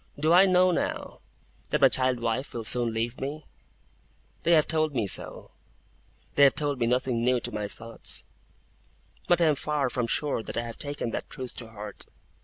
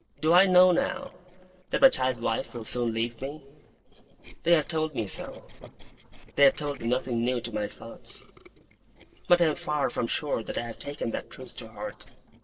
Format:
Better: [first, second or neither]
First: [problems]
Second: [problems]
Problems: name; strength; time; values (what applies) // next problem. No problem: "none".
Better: first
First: none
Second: noise reduction (neural separator model SepFormer DNS4)